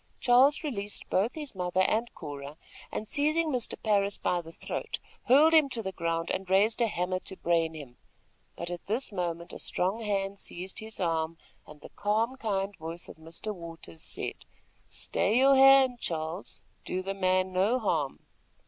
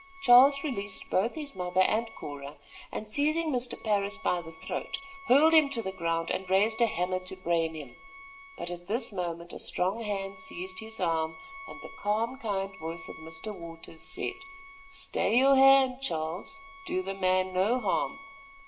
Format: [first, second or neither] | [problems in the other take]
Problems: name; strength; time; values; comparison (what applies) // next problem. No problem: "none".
first | background sound (Bowed string instrument); 20 dB below the speech // room echo; dies away in 0.4 s